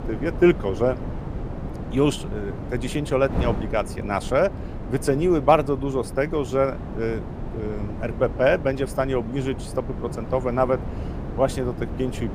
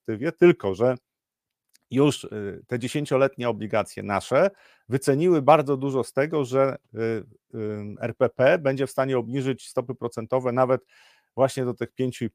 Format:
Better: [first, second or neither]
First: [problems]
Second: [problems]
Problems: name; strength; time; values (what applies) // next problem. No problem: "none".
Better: second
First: wind noise on the microphone; occasional gusts; 15 dB below the speech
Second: none